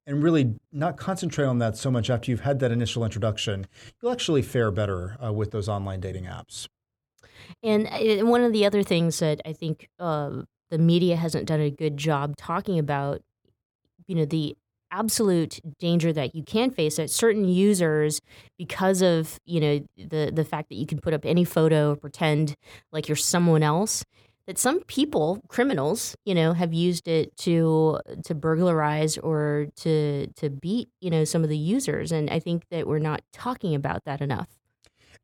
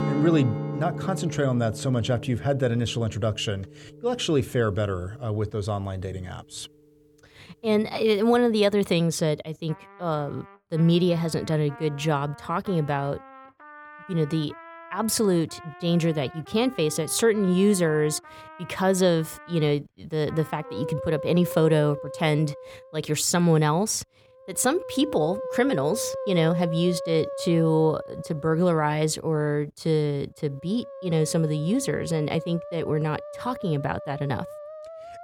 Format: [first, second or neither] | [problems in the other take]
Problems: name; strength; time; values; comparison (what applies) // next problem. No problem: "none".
first | background music; noticeable; throughout; 10 dB below the speech